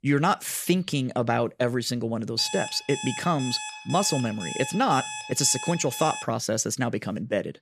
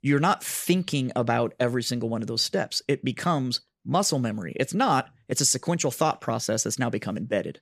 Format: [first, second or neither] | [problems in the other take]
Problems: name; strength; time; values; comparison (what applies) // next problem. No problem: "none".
second | alarm; noticeable; from 2.5 to 6 s; peak 7 dB below the speech